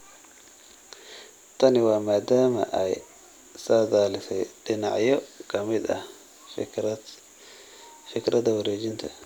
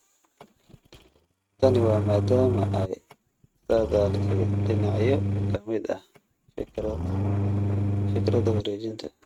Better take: first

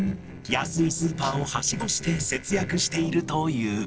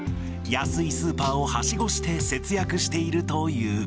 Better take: second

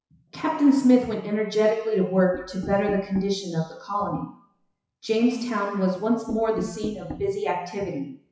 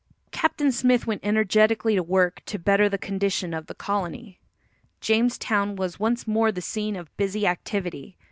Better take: second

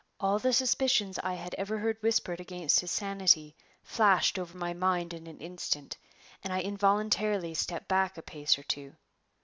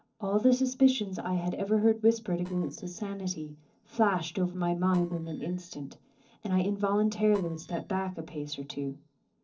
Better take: first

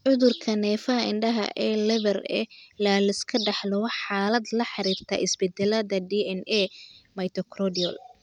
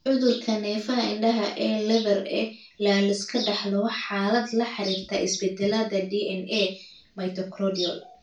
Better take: first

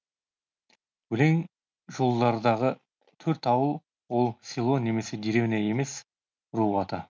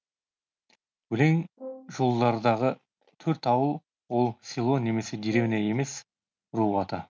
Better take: first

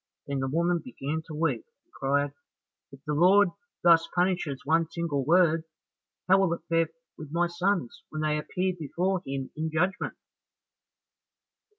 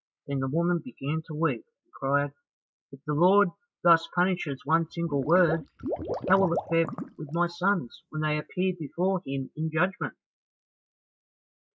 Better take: first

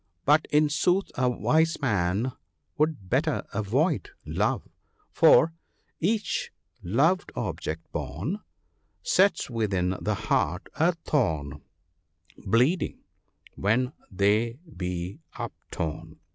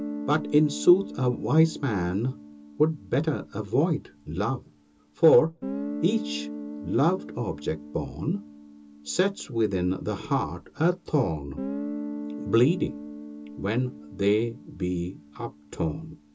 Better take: first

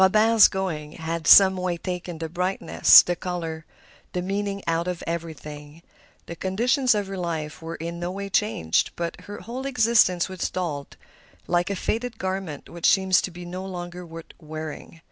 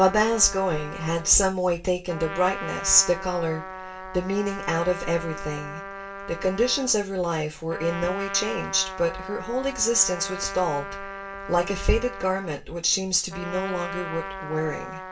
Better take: first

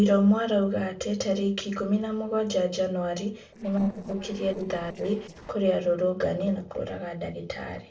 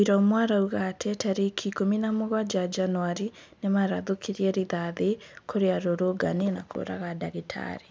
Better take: second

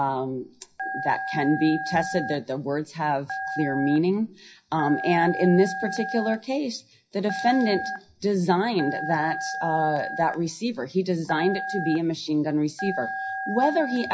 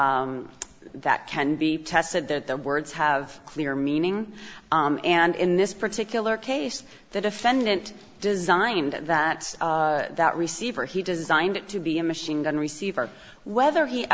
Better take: second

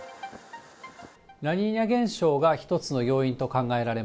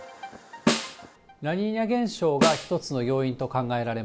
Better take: first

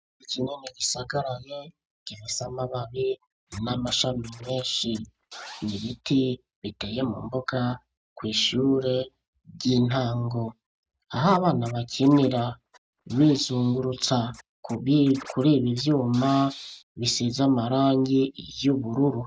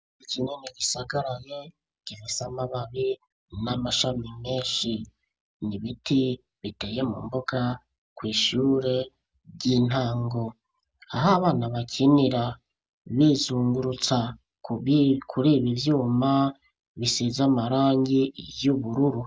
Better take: second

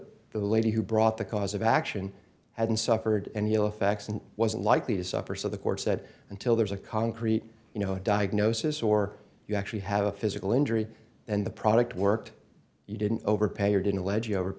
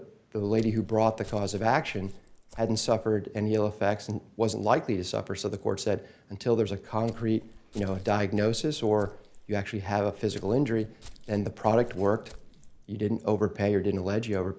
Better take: first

